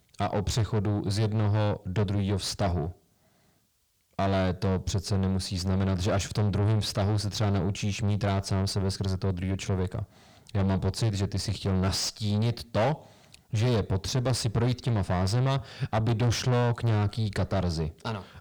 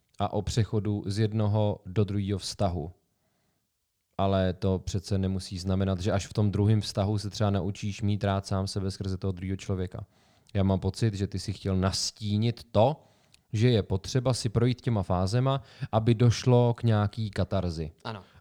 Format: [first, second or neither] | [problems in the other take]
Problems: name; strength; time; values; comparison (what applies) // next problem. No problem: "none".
second | distortion; heavy; 6 dB below the speech